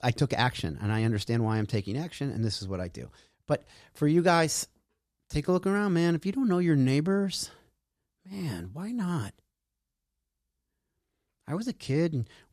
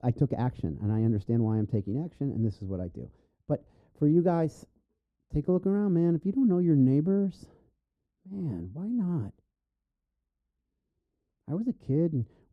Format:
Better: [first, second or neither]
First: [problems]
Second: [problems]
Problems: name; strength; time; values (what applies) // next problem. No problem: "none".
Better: first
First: none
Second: muffled; very; fading above 1 kHz